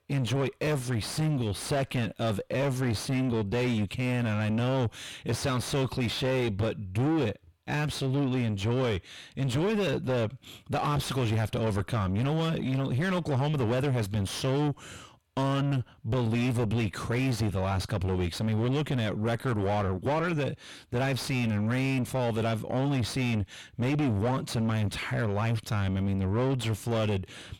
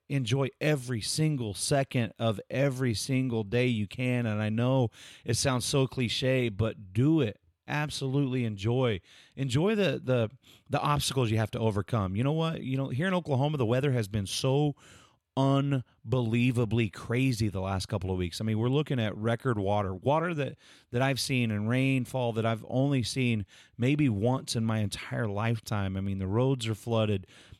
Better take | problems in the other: second | distortion; heavy; 6 dB below the speech

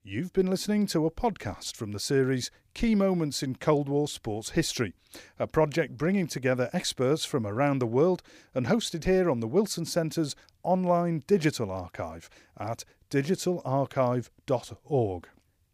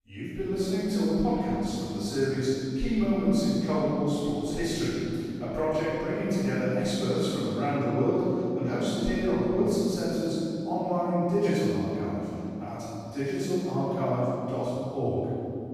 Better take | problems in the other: first | off-mic speech; far // room echo; strong; dies away in 3 s

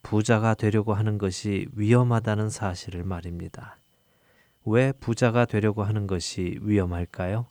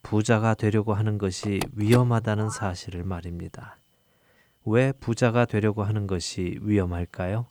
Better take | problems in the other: first | phone ringing; noticeable; from 1.5 to 2.5 s; peak 8 dB below the speech

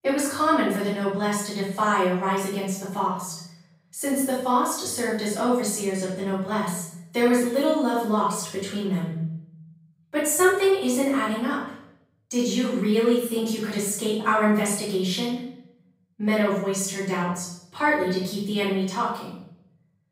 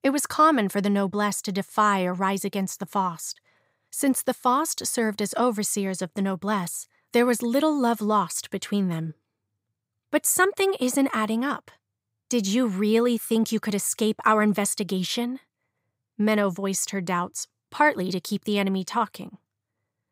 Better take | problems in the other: second | off-mic speech; far // room echo; noticeable; dies away in 0.8 s

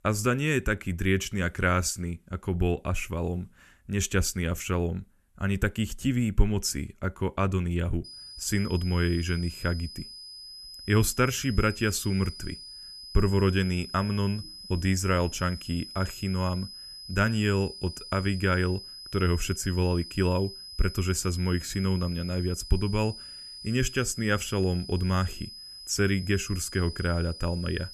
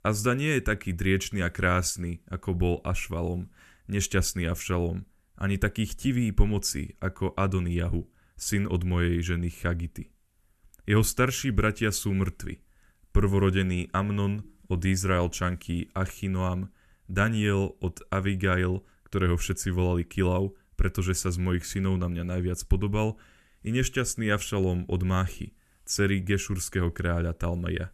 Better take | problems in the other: second | high-pitched whine; noticeable; from 8 s on; 5 kHz, 10 dB below the speech

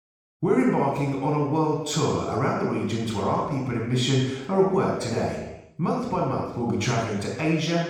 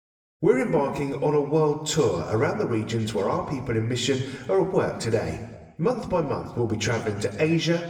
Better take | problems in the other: second | room echo; strong; dies away in 0.9 s; slight in the second // off-mic speech; far; somewhat distant in the second

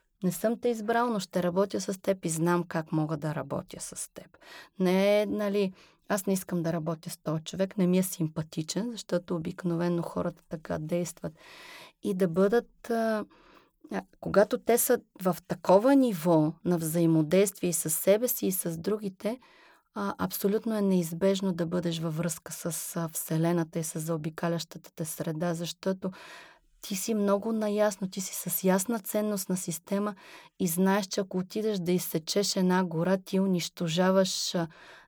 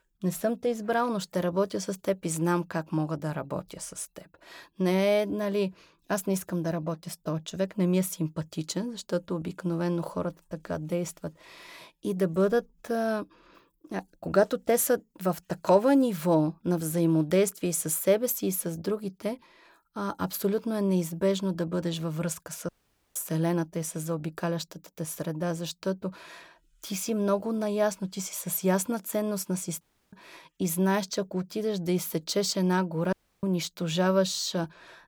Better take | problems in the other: first | audio cutting out; at 23 s, at 30 s and at 33 s

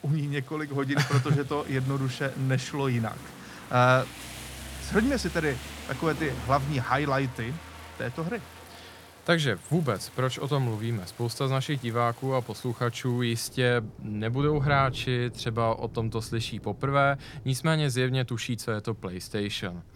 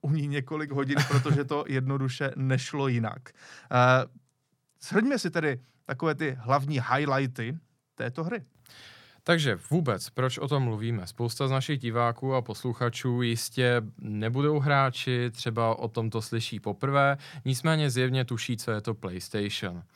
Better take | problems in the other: second | rain or running water; noticeable; throughout; 15 dB below the speech

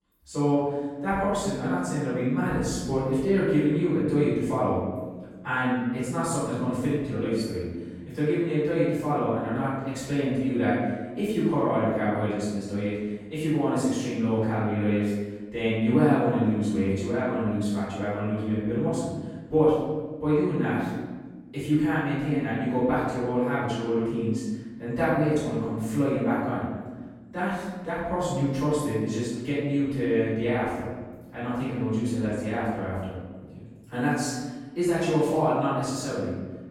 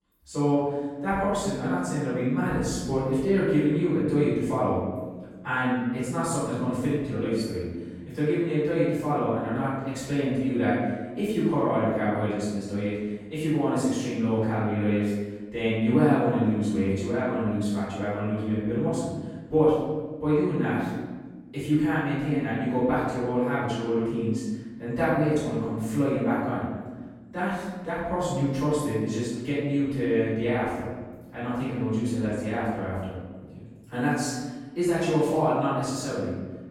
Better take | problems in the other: neither | off-mic speech; far; the same in both // room echo; strong; dies away in 1.5 s; the same in both

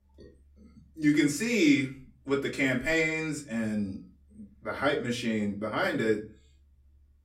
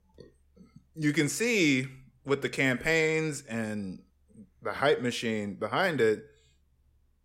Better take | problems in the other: second | off-mic speech; far // room echo; very slight; dies away in 0.2 s

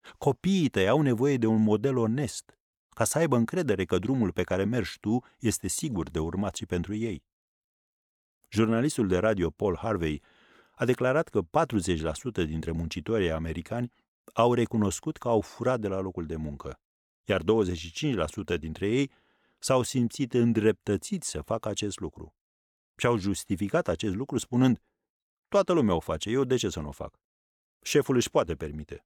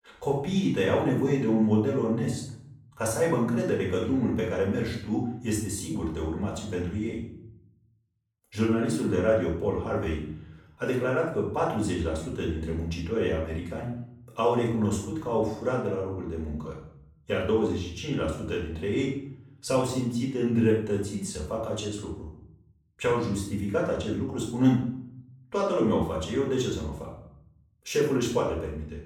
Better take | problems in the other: first | off-mic speech; far // room echo; noticeable; dies away in 0.6 s

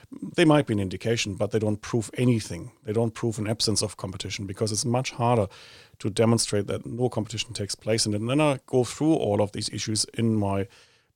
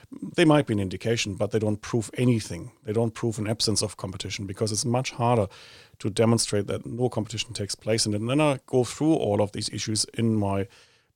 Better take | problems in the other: neither | none

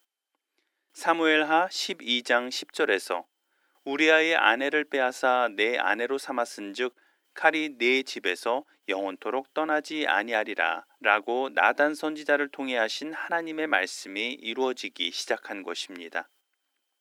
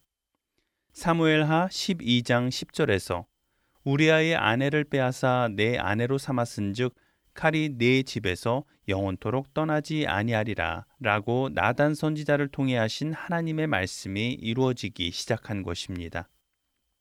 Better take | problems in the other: second | thin; somewhat; fading below 300 Hz

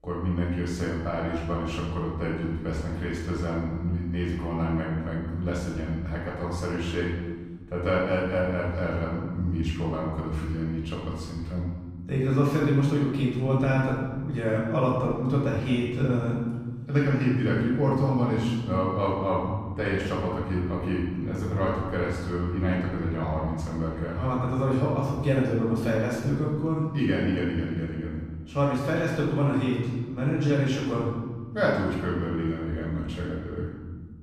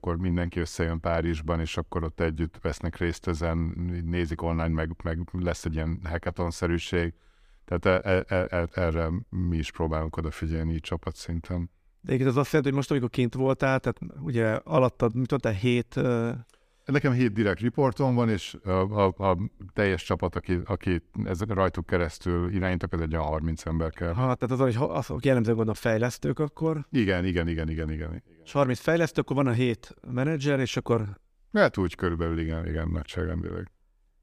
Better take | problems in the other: second | off-mic speech; far // room echo; noticeable; dies away in 1.6 s

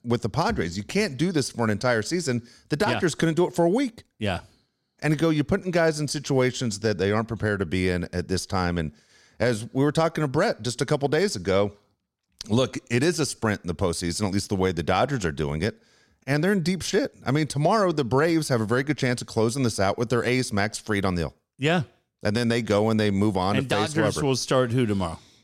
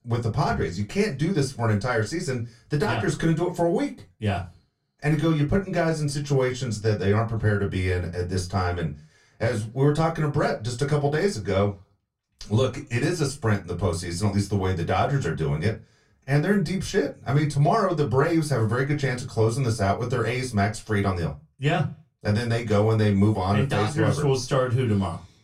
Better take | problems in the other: first | off-mic speech; far // room echo; very slight; dies away in 0.2 s

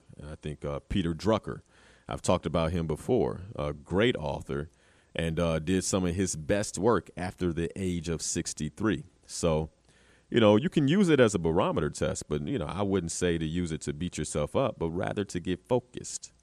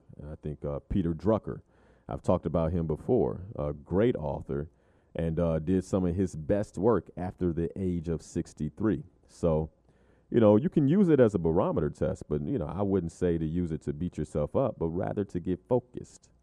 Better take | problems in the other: first | muffled; very; fading above 1.5 kHz

